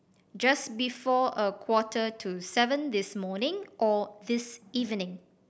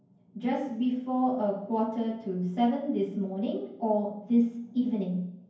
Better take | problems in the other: first | room echo; dies away in 0.9 s

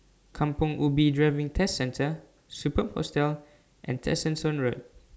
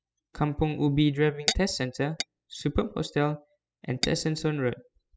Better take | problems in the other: first | noise reduction (classical method spectral subtraction)

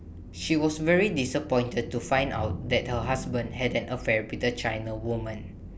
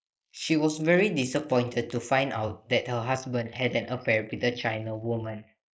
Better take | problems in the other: first | noise reduction (neural mask model Resemble Enhance denoiser)

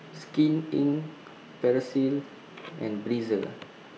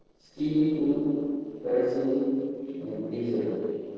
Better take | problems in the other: first | noise reduction (neural separator model SepFormer DNS4)

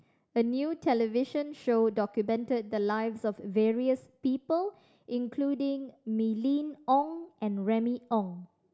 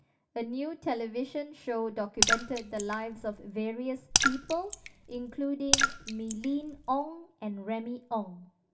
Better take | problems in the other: first | background sound (Raindrop / Splash, splatter); 3 dB above the speech // room echo; dies away in 0.2 s

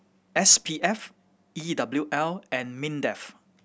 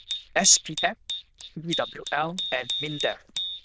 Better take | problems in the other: first | noise reduction (neural diffusion model UNIVERSE++)

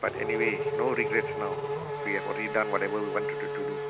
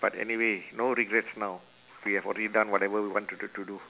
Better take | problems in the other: second | background sound (Race car, auto racing / Accelerating, revving, vroom); as loud as the speech

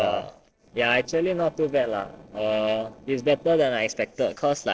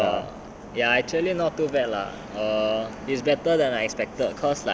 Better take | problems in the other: second | noise reduction (neural separator model SepFormer DNS4)

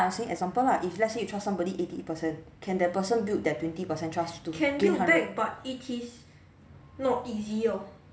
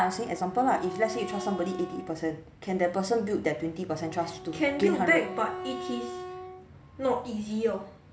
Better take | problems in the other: first | background sound (Wind instrument, woodwind instrument); 12 dB below the speech

